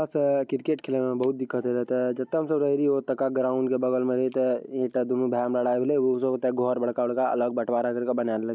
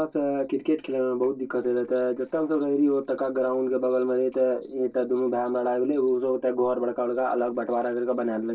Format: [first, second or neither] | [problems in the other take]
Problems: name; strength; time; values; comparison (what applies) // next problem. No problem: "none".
first | noise reduction (neural separator model SepFormer DNS4)